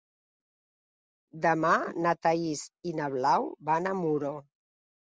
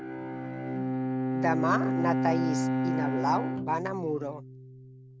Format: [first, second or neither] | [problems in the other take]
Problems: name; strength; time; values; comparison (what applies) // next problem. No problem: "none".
first | background sound (Bowed string instrument); 2 dB above the speech